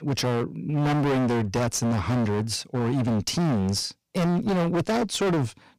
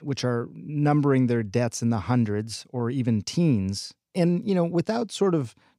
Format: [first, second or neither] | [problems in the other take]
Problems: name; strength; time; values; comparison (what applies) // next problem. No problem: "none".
second | distortion; heavy; 36% of the sound clipped